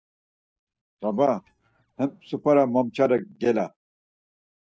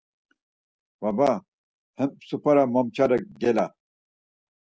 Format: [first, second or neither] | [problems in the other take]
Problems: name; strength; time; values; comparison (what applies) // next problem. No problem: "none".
second | noise reduction (neural mask model DeepFilterNet 3)